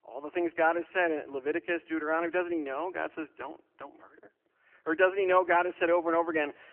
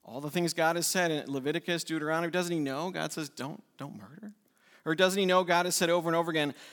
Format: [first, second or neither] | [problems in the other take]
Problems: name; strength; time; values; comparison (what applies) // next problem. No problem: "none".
second | phone-call audio; nothing above 3 kHz